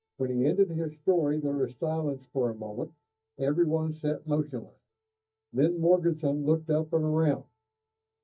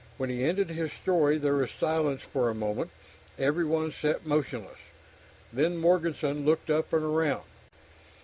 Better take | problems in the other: second | noise reduction (neural mask model DeepFilterNet 3)

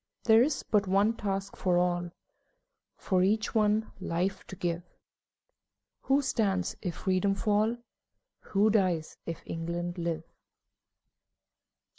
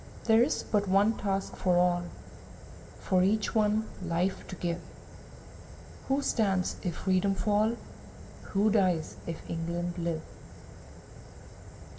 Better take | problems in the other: first | background sound (Fire); 15 dB below the speech // room echo; dies away in 1.4 s

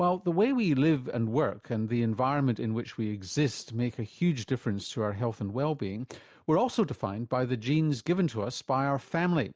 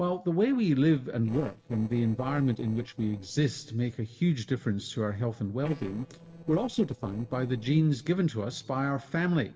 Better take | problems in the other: first | noise reduction (neural separator model SepFormer DNS4)

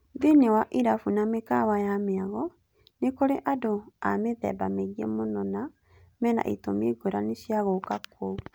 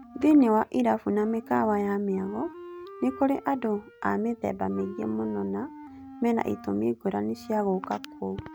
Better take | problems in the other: first | background sound (Wind instrument, woodwind instrument); 18 dB below the speech

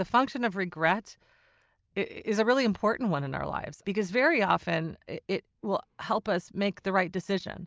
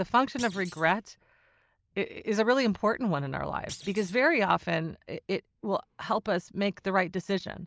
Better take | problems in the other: first | noise reduction (neural mask model Resemble Enhance denoiser)

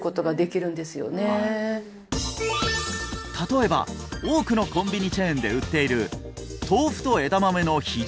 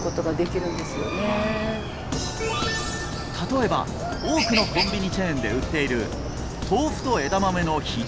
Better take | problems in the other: first | background sound (Chicken, rooster); 4 dB below the speech

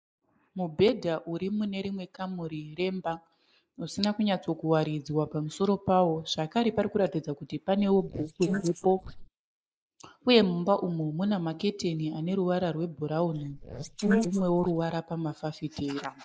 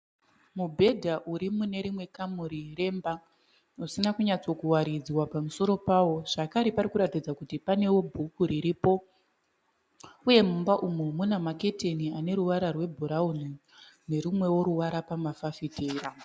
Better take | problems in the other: second | noise reduction (neural mask model Resemble Enhance denoiser)

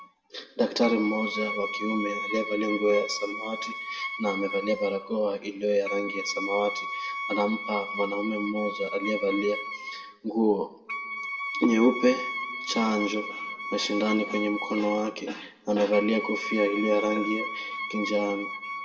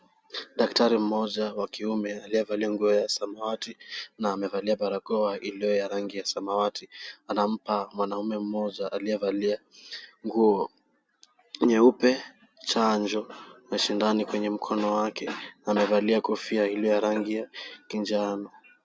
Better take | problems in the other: second | background sound (Wind instrument, woodwind instrument); 7 dB below the speech // room echo; dies away in 0.7 s

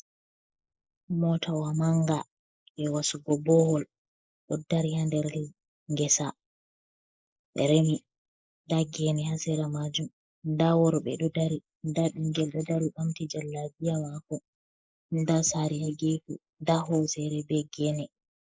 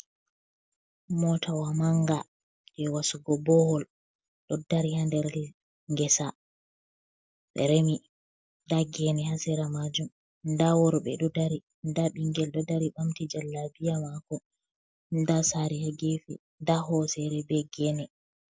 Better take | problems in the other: second | noise reduction (neural mask model Resemble Enhance denoiser)

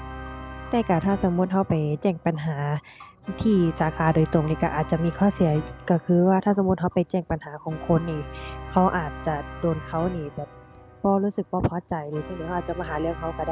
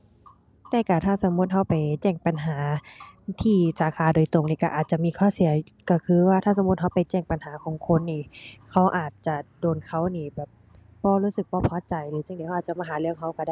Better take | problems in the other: second | background sound (Organ); 14 dB below the speech

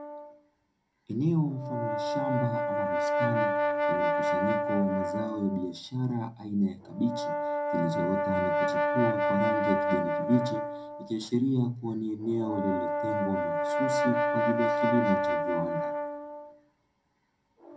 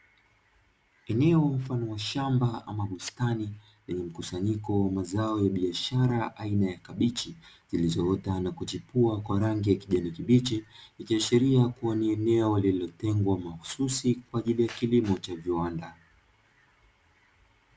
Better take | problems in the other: second | background sound (Brass instrument); 2 dB above the speech // room echo; dies away in 0.2 s

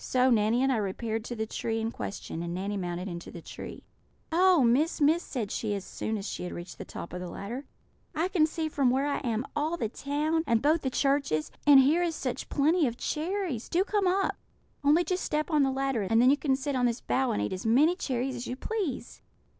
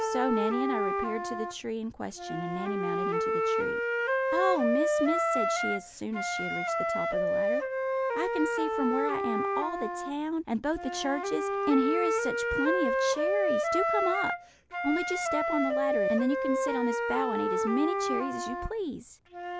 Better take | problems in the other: first | background sound (Wind instrument, woodwind instrument); 3 dB above the speech

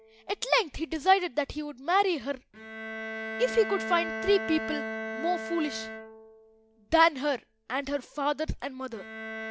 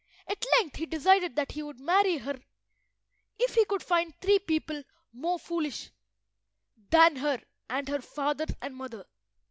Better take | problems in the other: second | background sound (Bowed string instrument); 9 dB below the speech

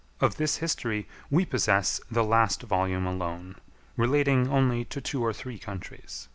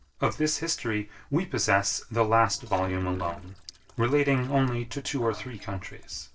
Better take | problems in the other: first | noise reduction (neural separator model SepFormer DNS4)

